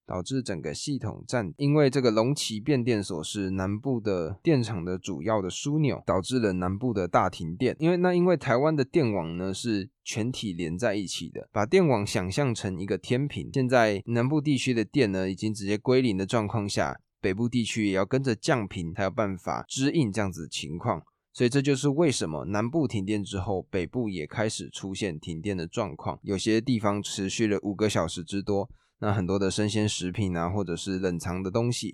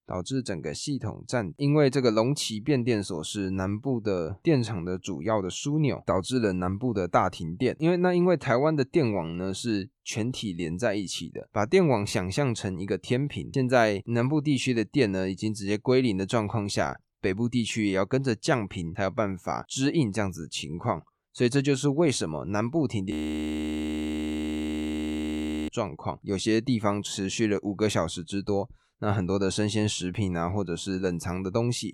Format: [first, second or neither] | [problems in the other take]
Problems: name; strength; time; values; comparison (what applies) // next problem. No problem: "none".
first | audio freezing; at 23 s for 2.5 s